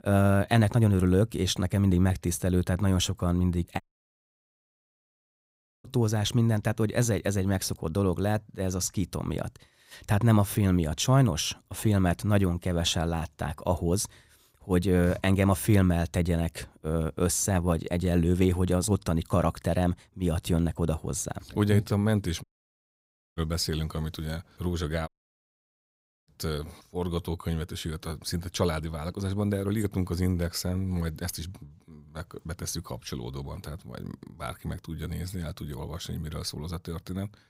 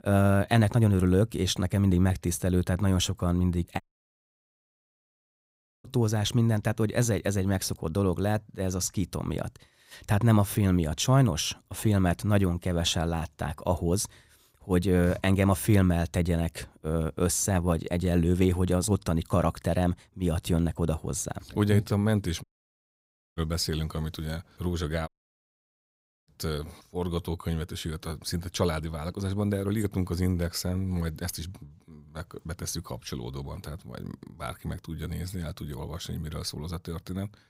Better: neither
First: audio cutting out; at 4 s for 2 s, at 22 s for 1 s and at 25 s for 1 s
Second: audio cutting out; at 4 s for 2 s, at 22 s for 1 s and at 25 s for 1 s

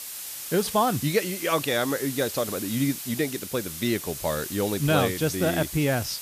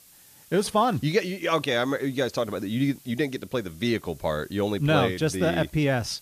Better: second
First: hiss; loud; throughout; 7 dB below the speech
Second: hiss; faint; throughout; 25 dB below the speech

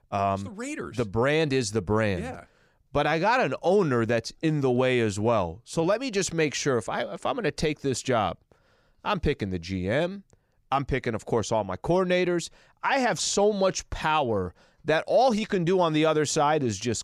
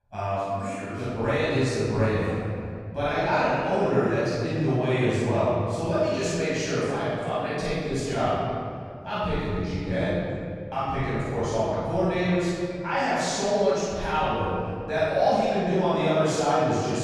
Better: first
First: none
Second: off-mic speech; far // room echo; strong; dies away in 2.6 s

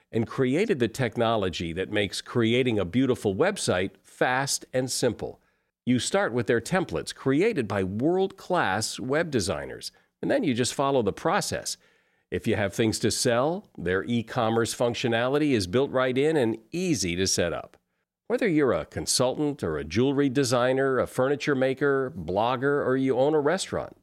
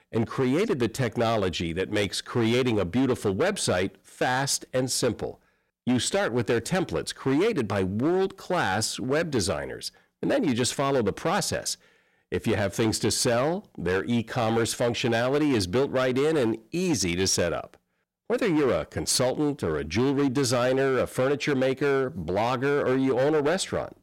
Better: first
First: none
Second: distortion; slight; 12% of the sound clipped

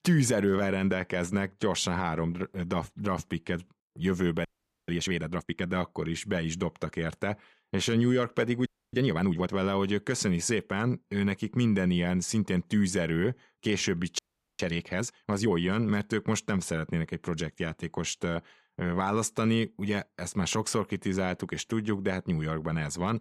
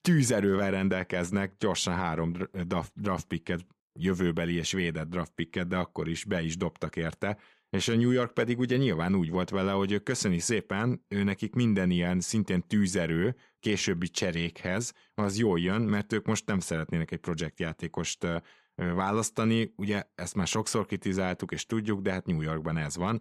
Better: second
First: audio freezing; at 4.5 s, at 8.5 s and at 14 s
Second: none

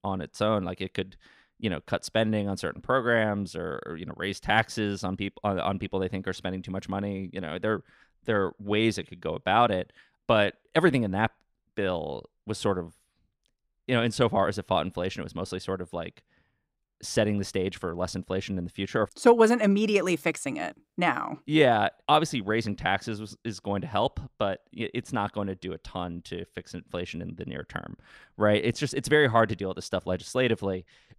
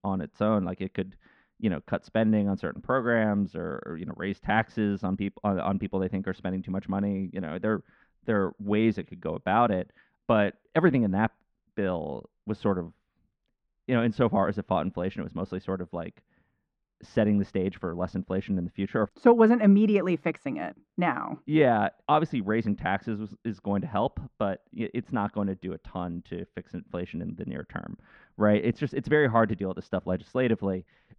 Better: first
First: none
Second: muffled; very; fading above 2 kHz

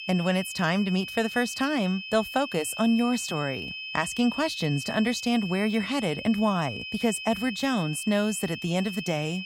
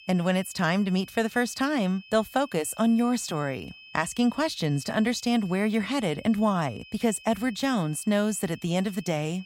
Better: second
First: high-pitched whine; loud; throughout; 2.5 kHz, 8 dB below the speech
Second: high-pitched whine; faint; throughout; 2.5 kHz, 20 dB below the speech

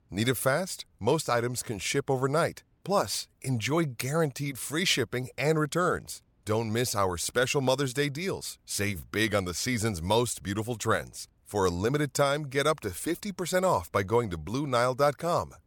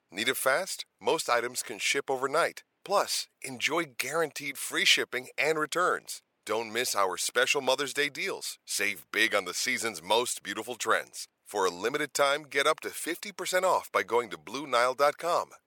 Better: first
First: none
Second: thin; somewhat; fading below 450 Hz

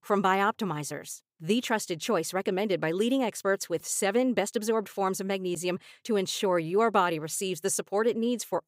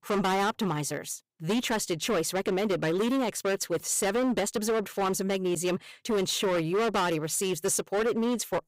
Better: first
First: none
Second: distortion; heavy; 19% of the sound clipped

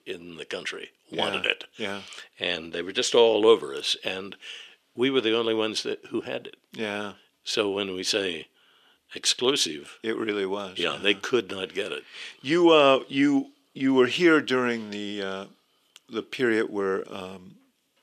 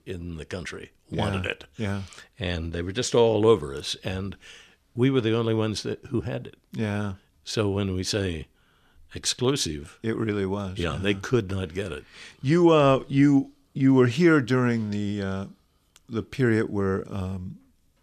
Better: second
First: thin; very slightly; fading below 350 Hz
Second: none

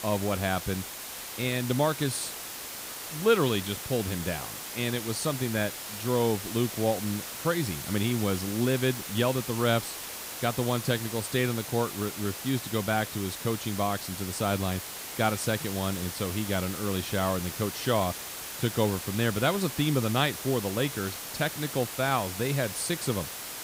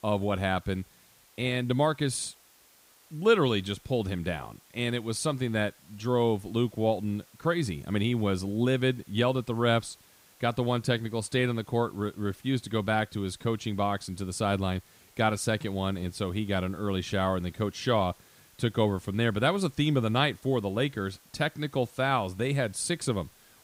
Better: second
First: hiss; loud; throughout; 7 dB below the speech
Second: hiss; faint; throughout; 30 dB below the speech

